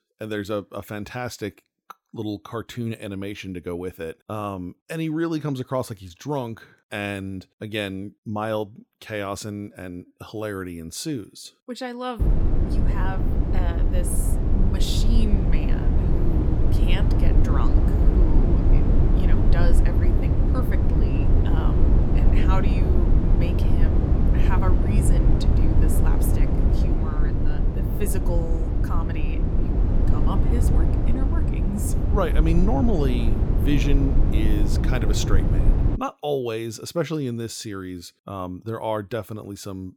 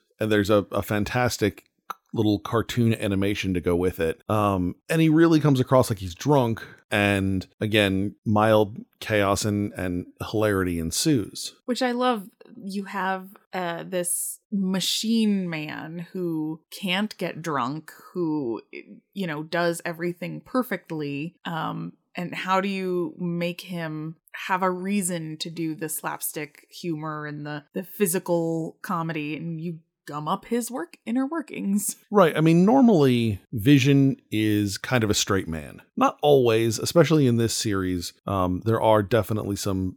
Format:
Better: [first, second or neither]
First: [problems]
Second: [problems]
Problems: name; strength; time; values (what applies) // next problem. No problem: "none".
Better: second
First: low rumble; loud; from 12 to 36 s; 1 dB below the speech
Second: none